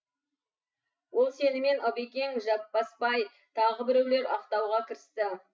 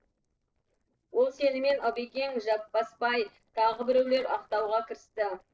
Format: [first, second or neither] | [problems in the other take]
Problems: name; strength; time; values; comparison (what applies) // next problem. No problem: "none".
first | noise reduction (neural separator model SepFormer DNS4)